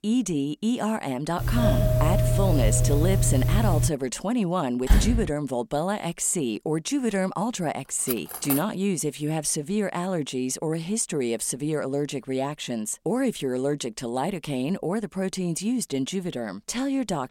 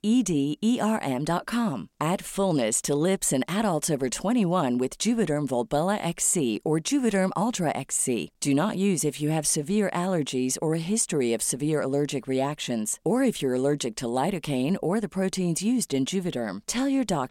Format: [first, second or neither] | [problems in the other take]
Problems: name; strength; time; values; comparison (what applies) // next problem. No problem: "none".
second | doorbell; loud; from 1.5 to 4 s; peak 5 dB above the speech // door banging; loud; at 5 s; peak 4 dB above the speech // clattering dishes; noticeable; at 8 s; peak 2 dB below the speech